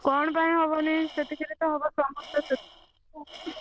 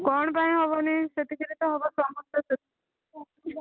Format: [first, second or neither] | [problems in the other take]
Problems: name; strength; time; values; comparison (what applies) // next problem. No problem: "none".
second | noise reduction (neural diffusion model UNIVERSE++)